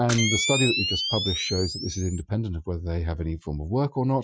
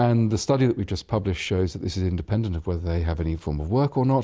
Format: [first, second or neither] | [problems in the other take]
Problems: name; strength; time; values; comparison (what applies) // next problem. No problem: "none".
second | noise reduction (classical method Wiener filter)